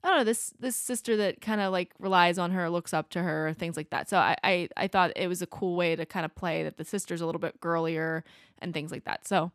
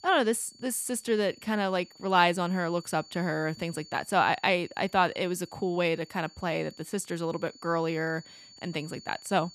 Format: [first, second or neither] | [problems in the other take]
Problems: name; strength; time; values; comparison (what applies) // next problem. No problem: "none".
first | high-pitched whine; faint; throughout; 4.5 kHz, 20 dB below the speech